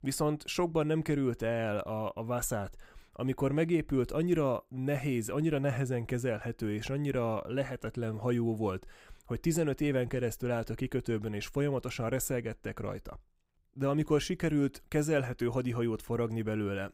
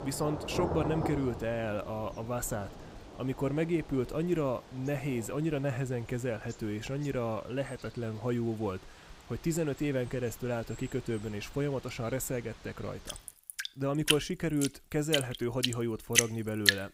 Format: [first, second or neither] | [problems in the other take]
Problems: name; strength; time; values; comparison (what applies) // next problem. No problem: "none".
first | rain or running water; very loud; throughout; as loud as the speech